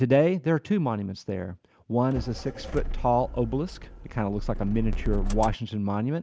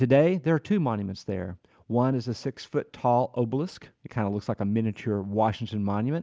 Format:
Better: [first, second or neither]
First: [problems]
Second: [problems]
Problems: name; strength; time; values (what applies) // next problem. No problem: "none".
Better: second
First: background sound (Motor vehicle (road)); 4 dB below the speech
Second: none